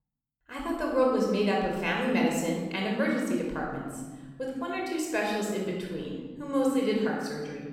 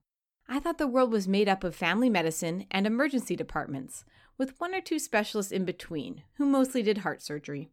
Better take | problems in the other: second | off-mic speech; somewhat distant // room echo; noticeable; dies away in 1.2 s

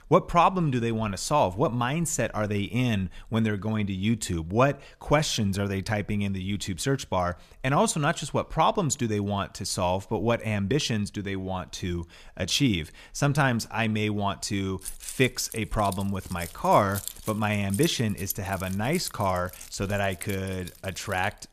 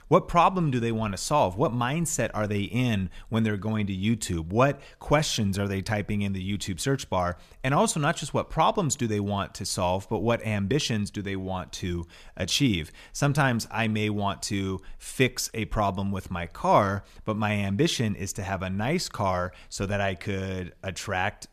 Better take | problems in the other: second | jangling keys; noticeable; from 15 s on; peak 9 dB below the speech

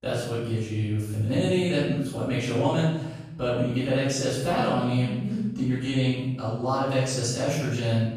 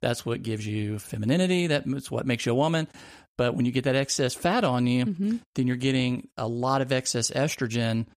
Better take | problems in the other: second | room echo; strong; dies away in 1 s // off-mic speech; far

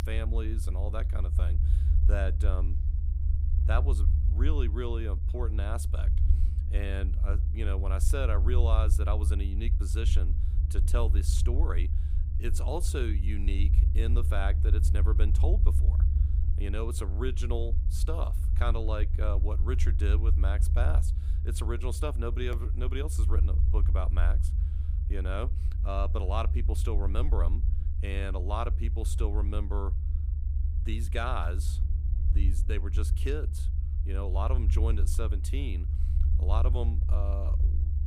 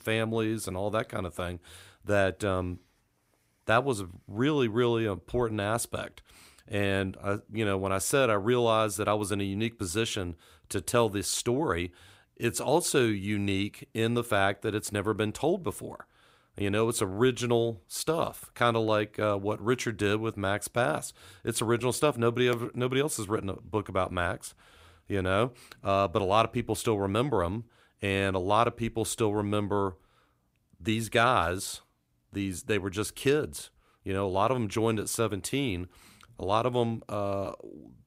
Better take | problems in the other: second | low rumble; loud; throughout; 9 dB below the speech

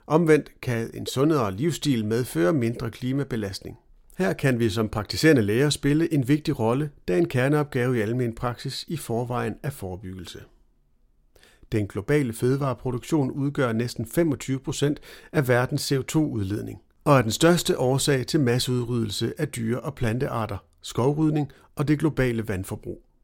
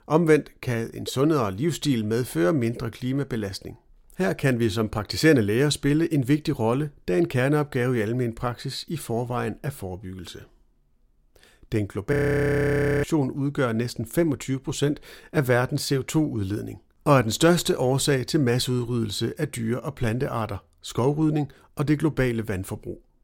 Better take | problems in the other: first | audio freezing; at 12 s for 1 s

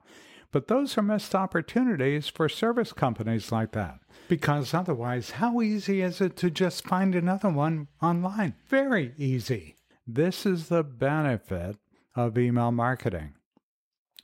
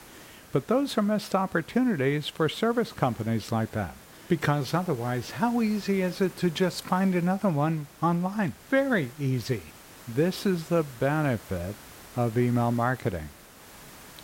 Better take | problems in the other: first | hiss; faint; throughout; 20 dB below the speech

